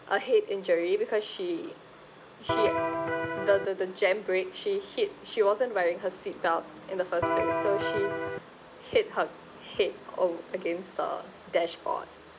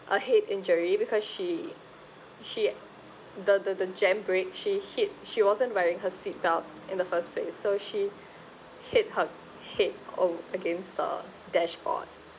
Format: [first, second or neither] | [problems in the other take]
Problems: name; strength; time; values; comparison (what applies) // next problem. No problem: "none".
second | background sound (Electric guitar); 1 dB above the speech